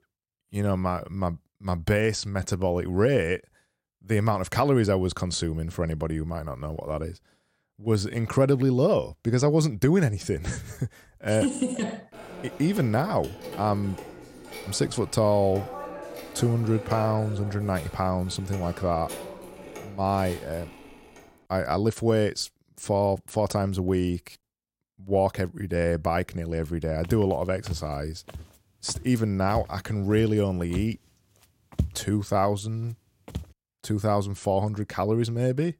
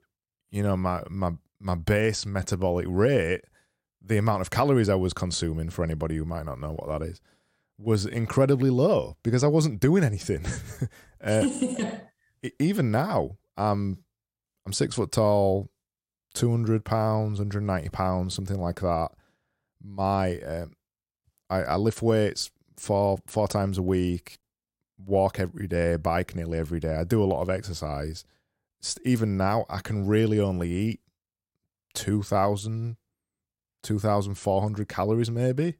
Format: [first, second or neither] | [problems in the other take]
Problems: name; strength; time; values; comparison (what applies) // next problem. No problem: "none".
second | phone ringing; noticeable; from 12 to 21 s; peak 9 dB below the speech // footsteps; noticeable; from 27 to 33 s; peak 5 dB below the speech